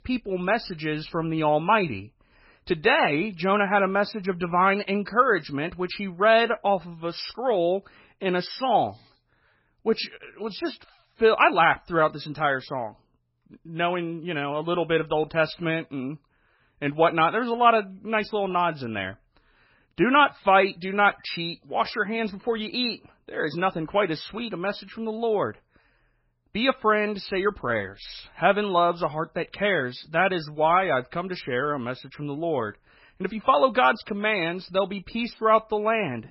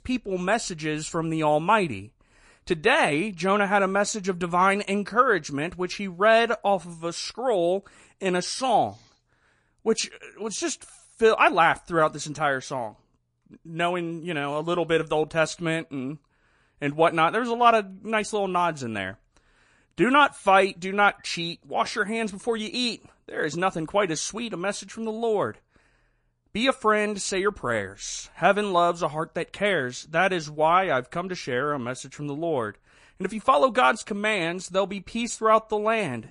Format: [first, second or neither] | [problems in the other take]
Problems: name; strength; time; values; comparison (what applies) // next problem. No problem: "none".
second | garbled, watery; badly; nothing above 5.5 kHz; slightly in the second